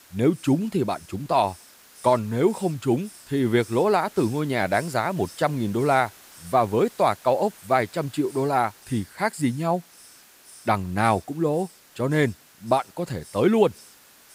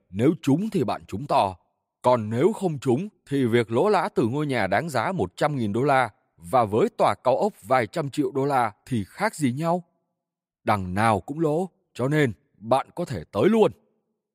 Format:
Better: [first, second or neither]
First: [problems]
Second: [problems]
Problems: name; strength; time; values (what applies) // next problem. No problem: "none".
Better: second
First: hiss; faint; throughout; 20 dB below the speech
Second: none